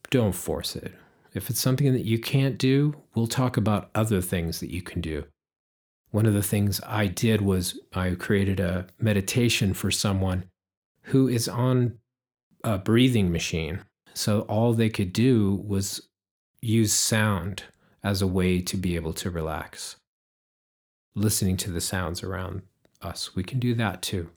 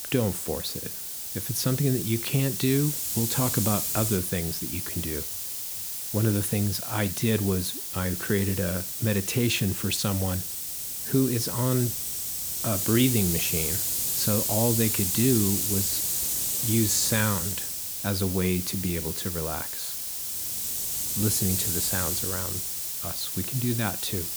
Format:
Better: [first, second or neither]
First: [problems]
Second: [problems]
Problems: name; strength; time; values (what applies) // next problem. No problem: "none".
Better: first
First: none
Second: hiss; loud; throughout; as loud as the speech